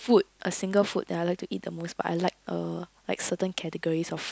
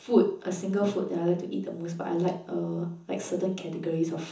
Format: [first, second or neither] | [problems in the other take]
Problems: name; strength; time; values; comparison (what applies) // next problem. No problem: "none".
first | room echo; dies away in 0.7 s